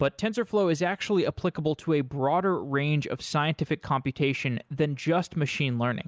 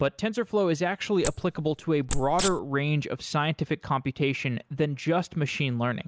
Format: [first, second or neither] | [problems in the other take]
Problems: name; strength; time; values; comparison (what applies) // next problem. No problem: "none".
first | background sound (Wild animals); 5 dB below the speech